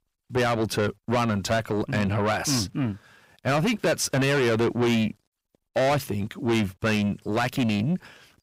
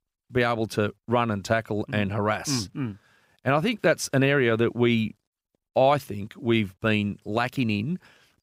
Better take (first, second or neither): second